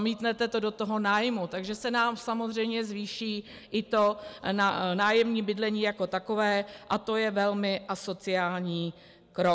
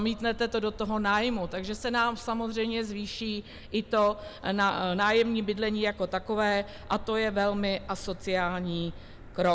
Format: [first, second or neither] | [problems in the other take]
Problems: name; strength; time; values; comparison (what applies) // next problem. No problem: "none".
first | background sound (Motor vehicle (road)); 16 dB below the speech